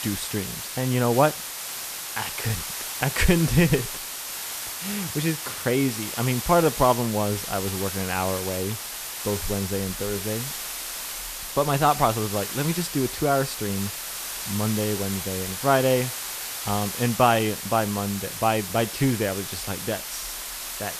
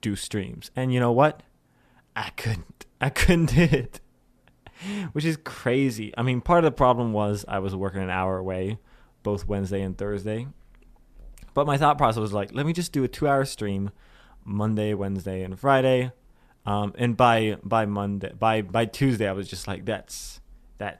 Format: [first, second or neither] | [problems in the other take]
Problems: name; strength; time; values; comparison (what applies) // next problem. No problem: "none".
second | hiss; loud; throughout; 5 dB below the speech